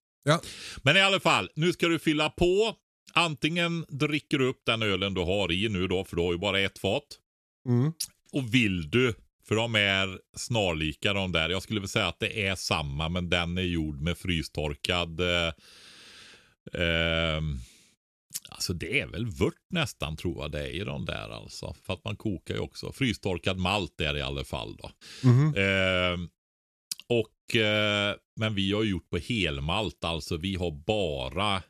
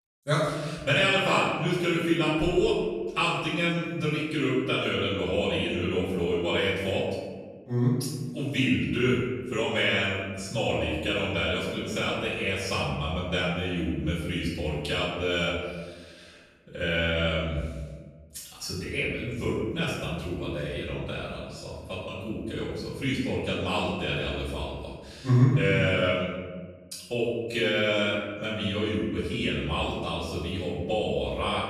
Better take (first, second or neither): first